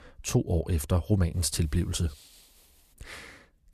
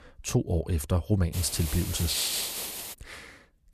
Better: first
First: hiss; faint; from 1.5 to 3 s; 30 dB below the speech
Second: hiss; loud; from 1.5 to 3 s; 2 dB below the speech

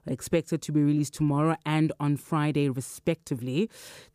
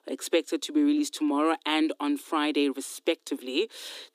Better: first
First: none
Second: thin; very slightly; fading below 250 Hz

